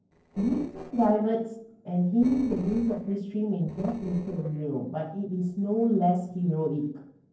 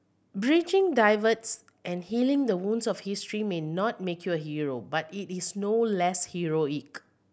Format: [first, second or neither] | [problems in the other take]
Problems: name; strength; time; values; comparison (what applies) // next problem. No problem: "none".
second | noise reduction (neural separator model SepFormer DNS4)